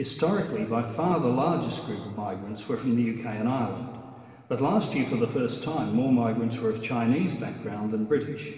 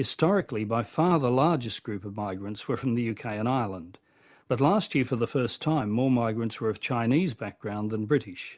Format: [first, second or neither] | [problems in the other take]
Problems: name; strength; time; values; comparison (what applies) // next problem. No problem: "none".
second | room echo; dies away in 2.1 s